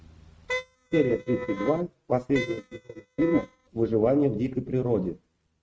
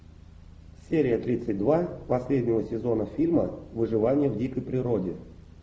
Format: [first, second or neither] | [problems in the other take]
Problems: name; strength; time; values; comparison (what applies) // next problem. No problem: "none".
second | noise reduction (neural mask model RNNoise)